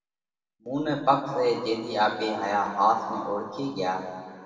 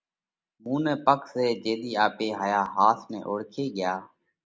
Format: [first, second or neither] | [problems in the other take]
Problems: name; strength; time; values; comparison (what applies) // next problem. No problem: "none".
second | room echo; dies away in 2.2 s